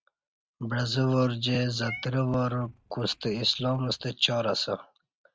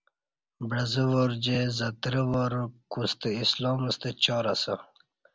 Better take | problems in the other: second | noise reduction (neural mask model RNNoise)

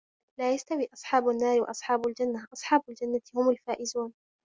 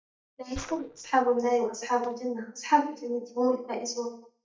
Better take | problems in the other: first | noise reduction (neural mask model DeepFilterNet 3)

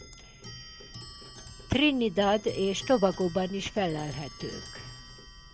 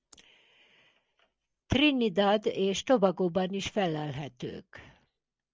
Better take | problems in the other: second | background sound (Clock); 15 dB below the speech

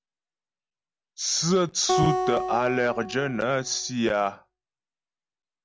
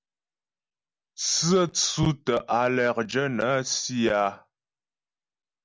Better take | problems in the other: second | background sound (Acoustic guitar); 2 dB below the speech

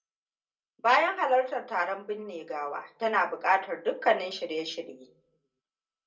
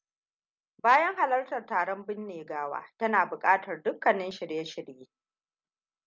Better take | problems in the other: second | room echo; dies away in 0.2 s

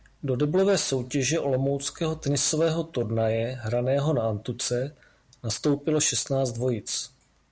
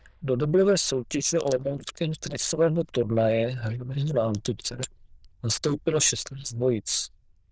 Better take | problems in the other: first | noise reduction (neural diffusion model UNIVERSE++)

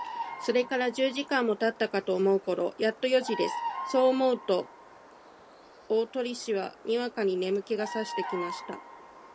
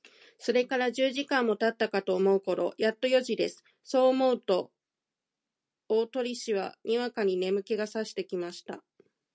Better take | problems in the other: second | background sound (Bird vocalization, bird call, bird song); 12 dB below the speech

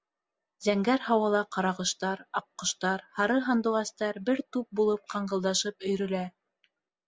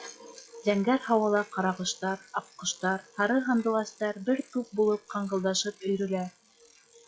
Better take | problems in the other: first | noise reduction (classical method log-MMSE)

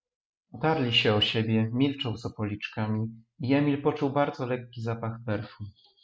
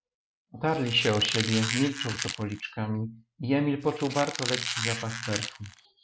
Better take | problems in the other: first | background sound (Squeak); 5 dB below the speech

